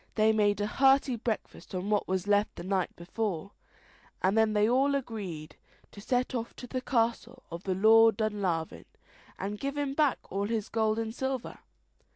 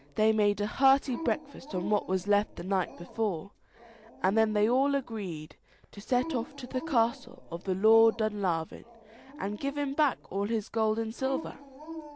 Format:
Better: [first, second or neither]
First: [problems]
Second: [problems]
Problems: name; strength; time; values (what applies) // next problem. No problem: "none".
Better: first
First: none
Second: background sound (Dog); 16 dB below the speech